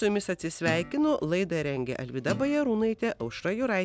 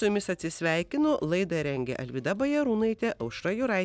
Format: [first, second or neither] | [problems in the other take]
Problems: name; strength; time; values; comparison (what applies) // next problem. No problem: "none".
second | background sound (Guitar); 13 dB below the speech